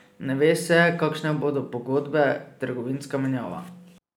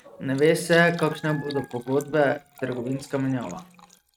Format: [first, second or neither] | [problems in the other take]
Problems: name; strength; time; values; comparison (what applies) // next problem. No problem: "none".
first | noise reduction (neural mask model RNNoise)